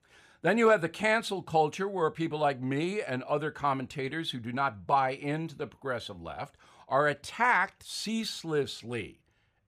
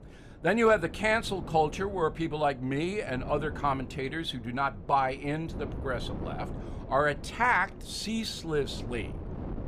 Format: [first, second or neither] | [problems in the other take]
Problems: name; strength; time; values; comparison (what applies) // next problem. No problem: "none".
first | wind noise on the microphone; occasional gusts; 20 dB below the speech